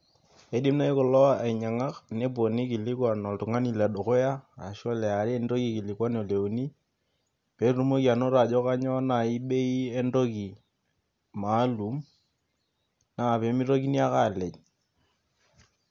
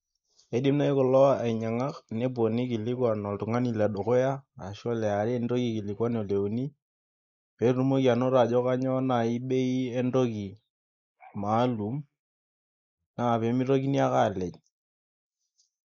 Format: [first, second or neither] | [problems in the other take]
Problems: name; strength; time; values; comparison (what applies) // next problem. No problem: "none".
first | noise reduction (neural mask model Resemble Enhance denoiser)